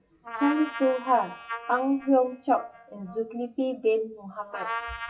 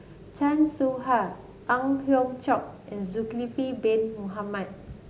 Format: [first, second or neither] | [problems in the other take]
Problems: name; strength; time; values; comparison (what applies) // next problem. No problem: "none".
second | noise reduction (classical method WPE with log-MMSE)